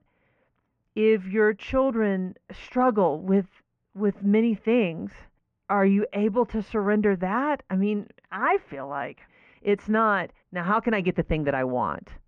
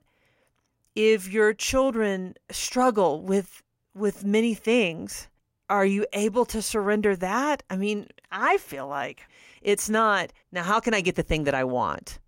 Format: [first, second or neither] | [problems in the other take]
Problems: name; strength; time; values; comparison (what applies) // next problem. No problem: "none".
second | muffled; very; fading above 2 kHz